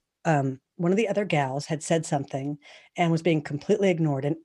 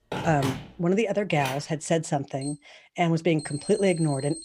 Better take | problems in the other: first | alarms or sirens; noticeable; throughout; 10 dB below the speech

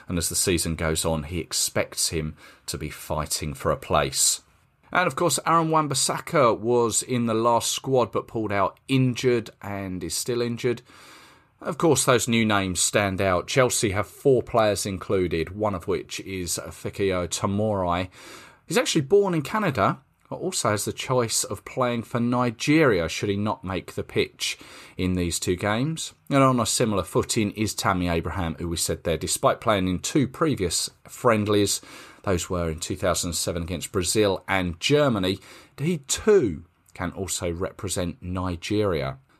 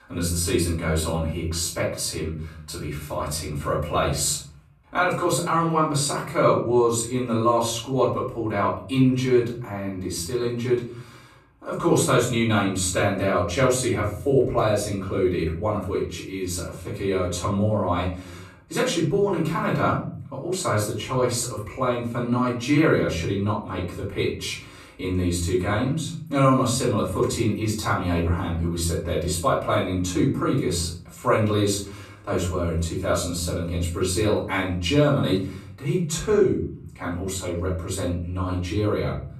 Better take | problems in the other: first | off-mic speech; far // room echo; noticeable; dies away in 0.7 s

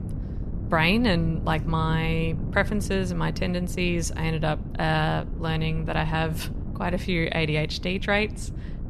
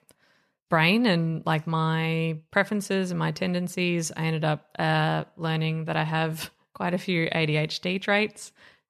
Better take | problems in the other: second | wind noise on the microphone; occasional gusts; 15 dB below the speech

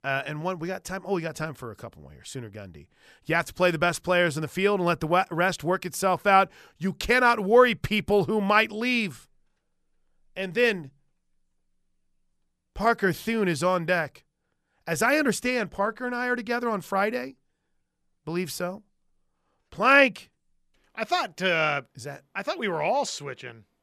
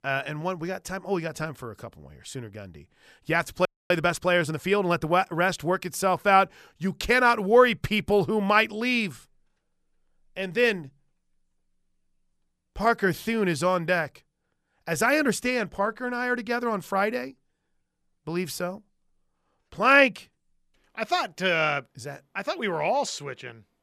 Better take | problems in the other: first | audio freezing; at 3.5 s

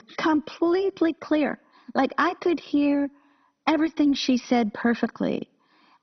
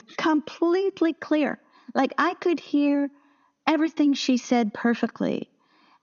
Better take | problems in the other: second | garbled, watery; badly; nothing above 6 kHz; slightly in the second

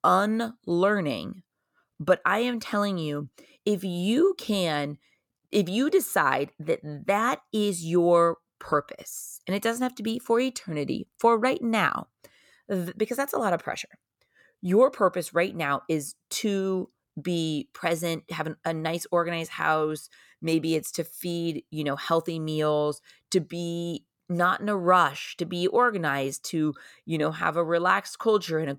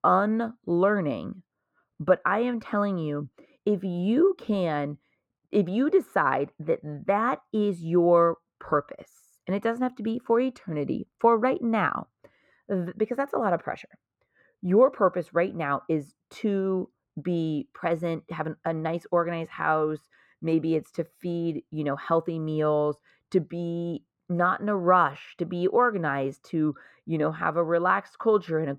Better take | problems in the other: first | muffled; very; fading above 3 kHz

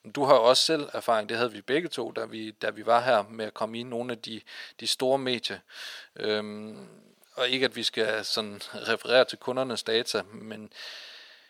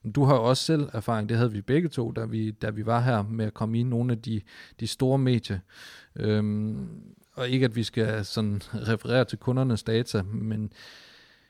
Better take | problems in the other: second | thin; very; fading below 500 Hz

